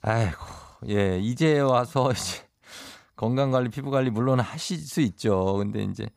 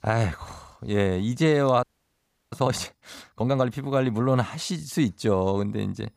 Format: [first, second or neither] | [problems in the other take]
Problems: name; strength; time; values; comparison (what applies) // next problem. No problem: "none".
first | audio freezing; at 2 s for 0.5 s